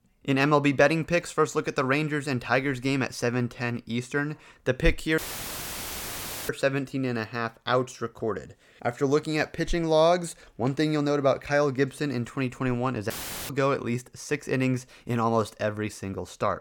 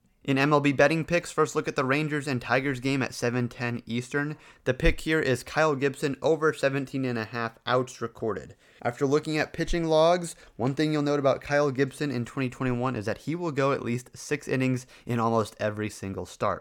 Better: second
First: audio cutting out; filled with static; at 5 s for 1.5 s and at 13 s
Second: none

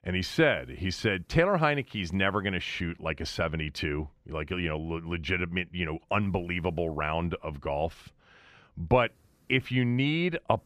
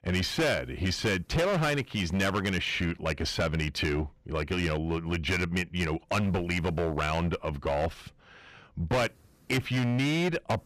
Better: first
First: none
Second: distortion; heavy; 13% of the sound clipped

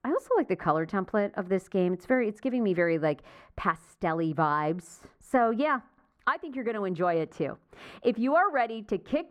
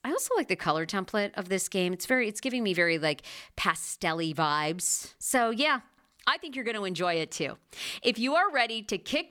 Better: second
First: muffled; very; fading above 2 kHz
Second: none

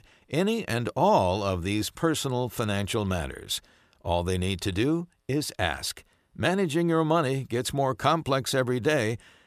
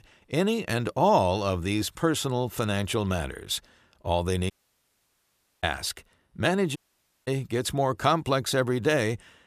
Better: first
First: none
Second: audio cutting out; at 4.5 s for 1 s and at 7 s for 0.5 s

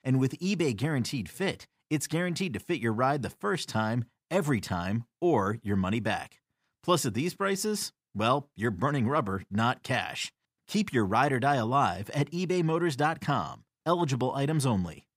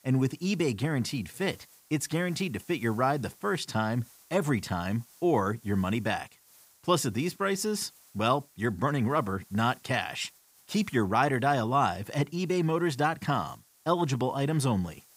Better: first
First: none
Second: hiss; faint; throughout; 25 dB below the speech

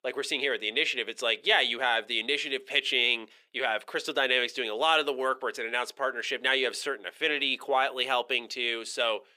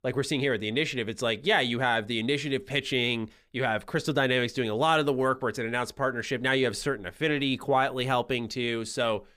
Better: second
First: thin; somewhat; fading below 400 Hz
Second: none

